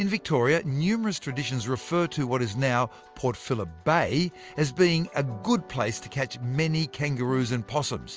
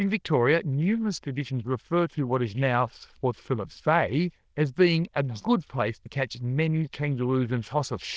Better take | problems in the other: first | noise reduction (neural diffusion model UNIVERSE++)

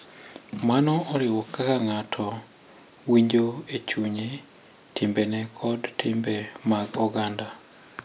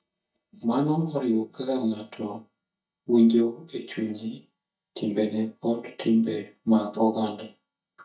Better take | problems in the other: first | noise reduction (neural mask model DeepFilterNet 3)

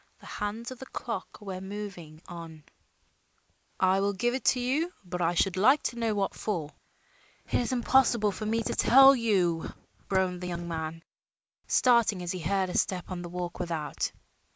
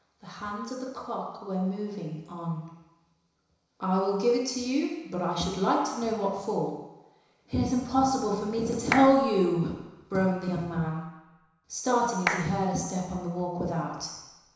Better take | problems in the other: first | background sound (Clapping); 7 dB below the speech // room echo; dies away in 1 s

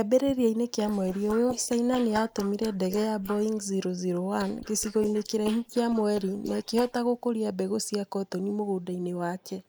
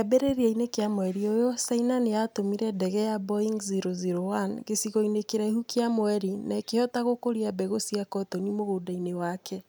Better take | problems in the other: second | noise reduction (neural mask model Resemble Enhance denoiser)

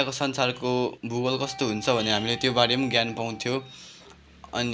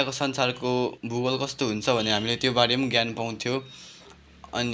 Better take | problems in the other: second | background sound (Wind instrument, woodwind instrument); 18 dB below the speech

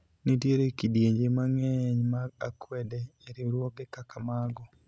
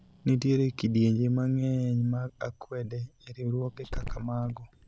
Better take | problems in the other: first | background sound (Growling); 15 dB below the speech

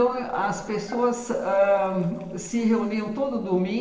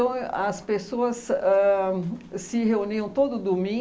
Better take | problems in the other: second | noise reduction (neural separator model SepFormer DNS4)

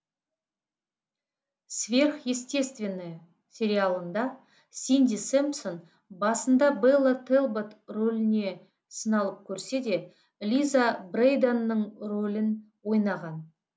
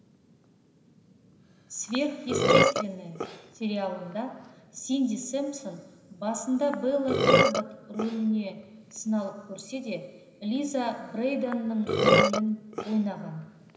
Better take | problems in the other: first | background sound (Burping, eructation); 1 dB above the speech // room echo; dies away in 2 s

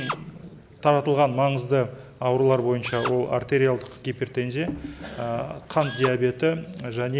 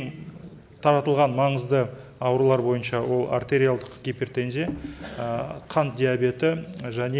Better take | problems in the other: second | background sound (Drill); 16 dB below the speech

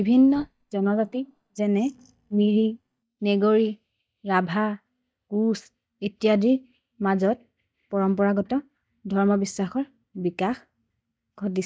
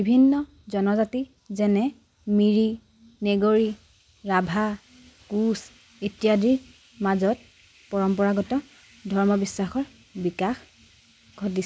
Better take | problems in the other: second | noise reduction (neural mask model DeepFilterNet 3)

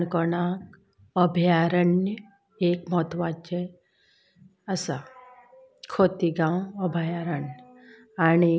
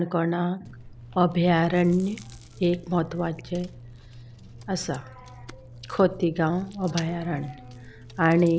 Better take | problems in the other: first | background sound (Chewing, mastication); 18 dB below the speech

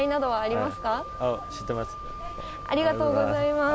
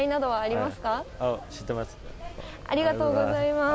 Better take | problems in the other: second | background sound (Wind instrument, woodwind instrument); 12 dB below the speech

